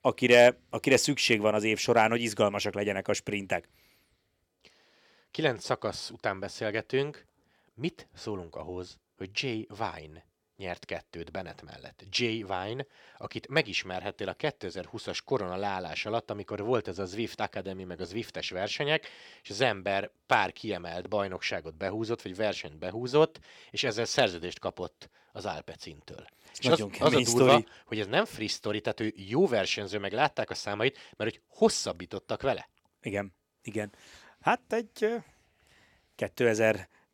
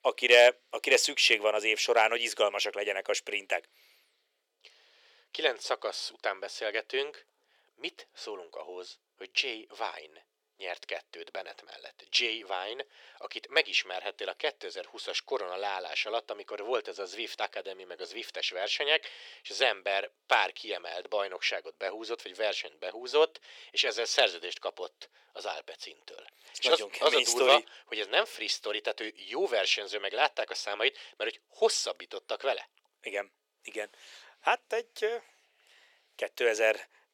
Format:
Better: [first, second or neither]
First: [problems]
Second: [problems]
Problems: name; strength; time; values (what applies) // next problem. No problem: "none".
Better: first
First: none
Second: thin; very; fading below 450 Hz